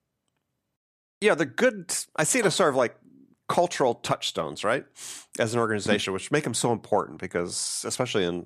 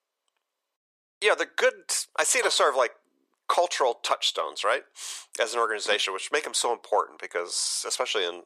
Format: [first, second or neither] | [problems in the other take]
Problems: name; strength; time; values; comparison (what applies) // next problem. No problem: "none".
first | thin; very; fading below 450 Hz